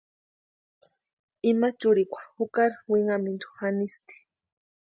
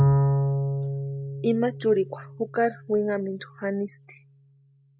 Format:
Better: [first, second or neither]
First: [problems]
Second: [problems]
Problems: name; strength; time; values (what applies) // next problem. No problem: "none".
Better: first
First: none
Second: background sound (Bowed string instrument); 1 dB above the speech